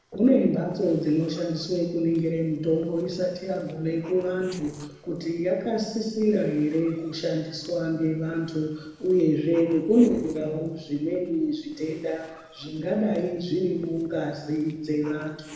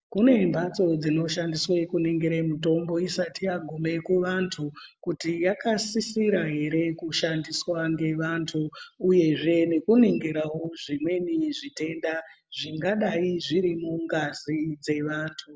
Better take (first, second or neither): second